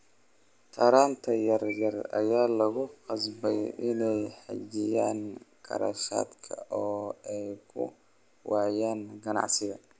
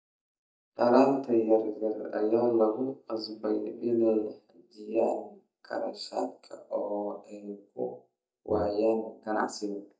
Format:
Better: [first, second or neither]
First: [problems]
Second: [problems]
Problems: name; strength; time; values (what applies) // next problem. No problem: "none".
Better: first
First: none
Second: noise reduction (neural mask model DeepFilterNet 3)